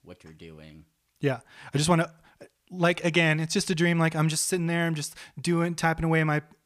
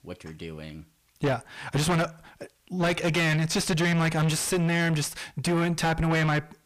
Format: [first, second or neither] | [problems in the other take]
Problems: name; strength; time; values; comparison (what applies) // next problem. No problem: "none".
first | distortion; heavy; 4 dB below the speech